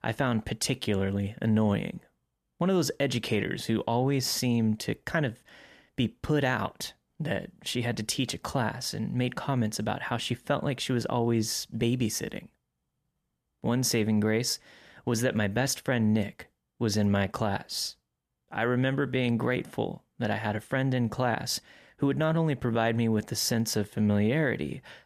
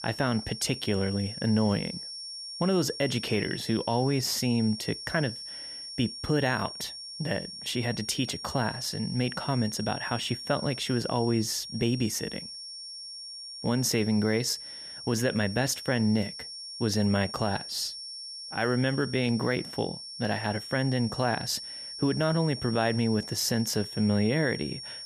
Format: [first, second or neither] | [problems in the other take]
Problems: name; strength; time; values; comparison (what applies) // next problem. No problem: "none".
first | high-pitched whine; loud; throughout; 5.5 kHz, 9 dB below the speech